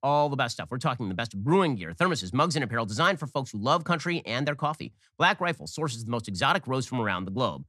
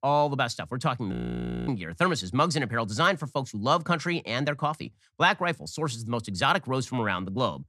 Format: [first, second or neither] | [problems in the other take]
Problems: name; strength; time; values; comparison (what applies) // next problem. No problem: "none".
first | audio freezing; at 1 s for 0.5 s